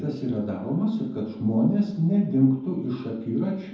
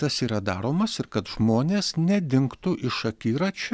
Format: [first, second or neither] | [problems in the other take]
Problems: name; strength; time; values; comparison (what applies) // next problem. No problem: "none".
second | room echo; dies away in 0.9 s